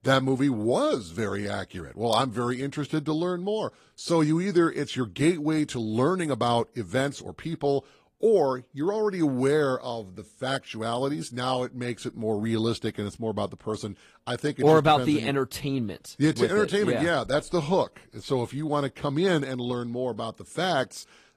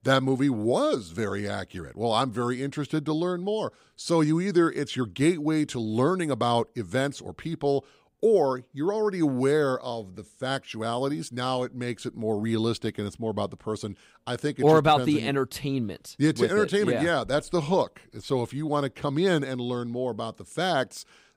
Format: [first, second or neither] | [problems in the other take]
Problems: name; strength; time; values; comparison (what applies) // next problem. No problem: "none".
second | garbled, watery; slightly; nothing above 12.5 kHz